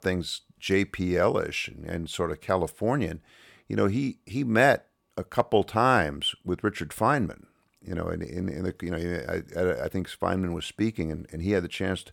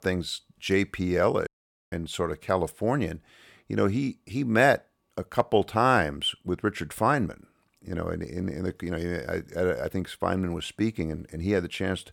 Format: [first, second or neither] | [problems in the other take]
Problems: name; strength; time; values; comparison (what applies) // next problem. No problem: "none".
first | audio cutting out; at 1.5 s